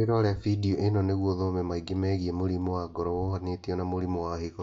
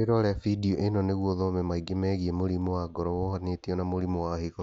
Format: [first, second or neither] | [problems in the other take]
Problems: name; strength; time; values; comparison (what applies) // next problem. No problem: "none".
second | room echo; dies away in 0.2 s